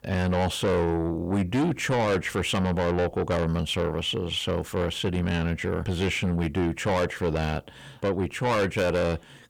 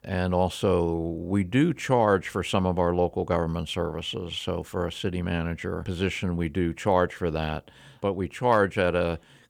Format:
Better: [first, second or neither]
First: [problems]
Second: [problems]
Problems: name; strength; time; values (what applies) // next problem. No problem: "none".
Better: second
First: distortion; heavy; 6 dB below the speech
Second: none